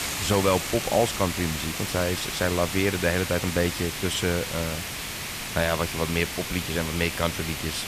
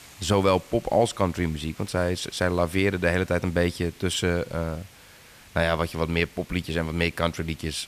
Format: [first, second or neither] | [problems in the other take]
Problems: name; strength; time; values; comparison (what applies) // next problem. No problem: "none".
second | hiss; loud; throughout; 4 dB below the speech; faint in the second